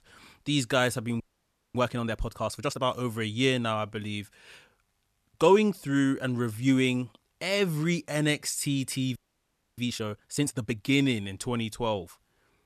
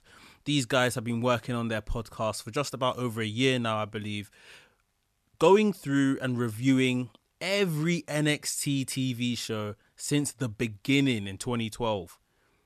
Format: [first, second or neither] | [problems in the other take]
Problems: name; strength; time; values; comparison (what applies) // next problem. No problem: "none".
second | audio freezing; at 1 s for 0.5 s and at 9 s for 0.5 s